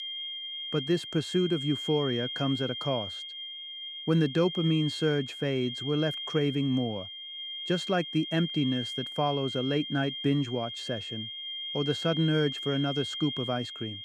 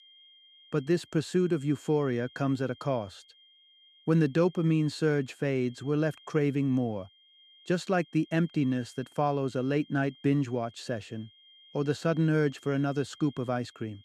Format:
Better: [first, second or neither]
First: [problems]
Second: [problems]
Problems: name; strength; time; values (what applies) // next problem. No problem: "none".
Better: second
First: high-pitched whine; loud; throughout; 3 kHz, 5 dB below the speech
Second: high-pitched whine; faint; throughout; 3 kHz, 25 dB below the speech